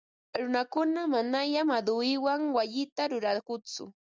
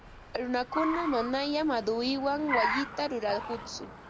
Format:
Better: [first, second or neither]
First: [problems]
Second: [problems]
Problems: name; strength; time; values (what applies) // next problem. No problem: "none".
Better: first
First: none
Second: background sound (Car); 6 dB below the speech